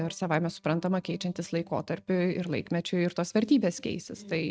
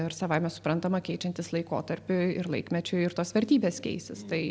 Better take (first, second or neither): second